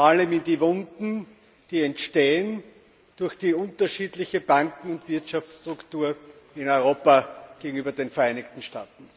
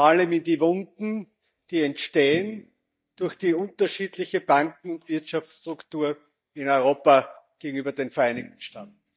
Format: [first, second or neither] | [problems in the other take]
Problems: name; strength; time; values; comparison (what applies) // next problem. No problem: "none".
first | noise reduction (neural mask model DeepFilterNet 3)